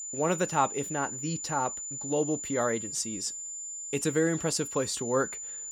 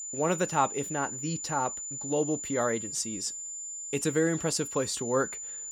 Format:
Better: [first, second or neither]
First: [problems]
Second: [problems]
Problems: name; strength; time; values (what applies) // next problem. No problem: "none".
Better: neither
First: high-pitched whine; loud; throughout; 7 kHz, 5 dB below the speech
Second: high-pitched whine; loud; throughout; 7 kHz, 5 dB below the speech